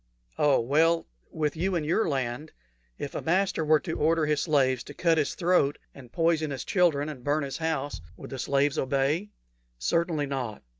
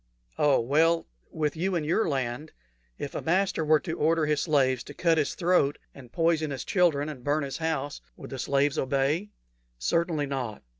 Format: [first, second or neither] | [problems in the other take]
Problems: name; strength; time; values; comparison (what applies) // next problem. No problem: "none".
second | background sound (Bass drum); 20 dB below the speech